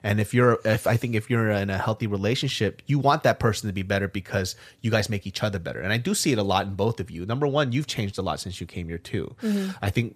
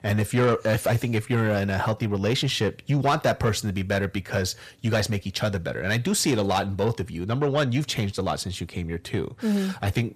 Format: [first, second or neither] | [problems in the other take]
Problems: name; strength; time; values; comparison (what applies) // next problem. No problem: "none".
first | distortion; slight; 10 dB below the speech